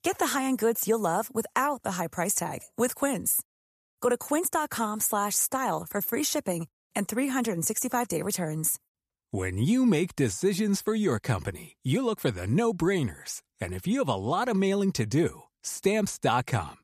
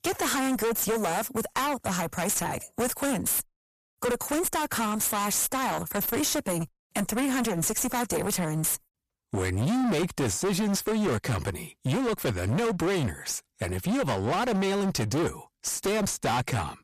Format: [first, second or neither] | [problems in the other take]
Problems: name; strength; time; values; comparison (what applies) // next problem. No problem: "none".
first | distortion; heavy; 29% of the sound clipped